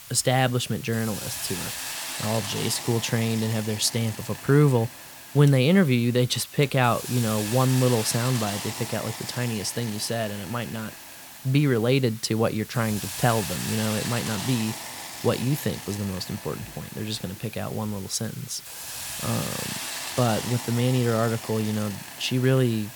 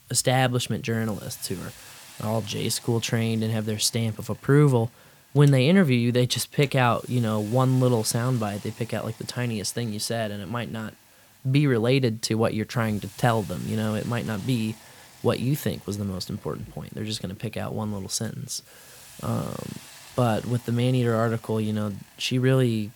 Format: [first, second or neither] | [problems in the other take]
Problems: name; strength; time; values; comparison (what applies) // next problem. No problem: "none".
second | hiss; loud; throughout; 9 dB below the speech; faint in the second